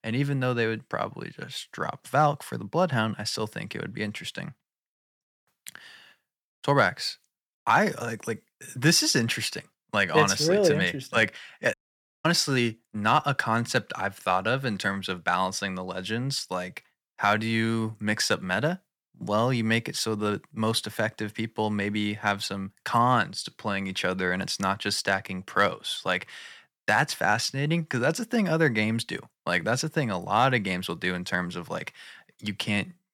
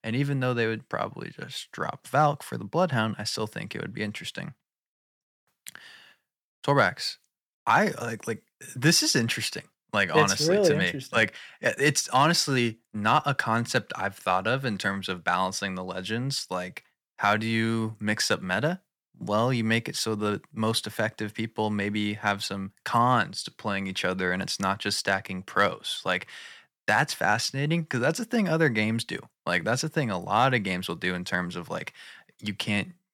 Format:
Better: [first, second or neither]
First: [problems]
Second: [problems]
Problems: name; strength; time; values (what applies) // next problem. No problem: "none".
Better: second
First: audio cutting out; at 12 s for 0.5 s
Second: none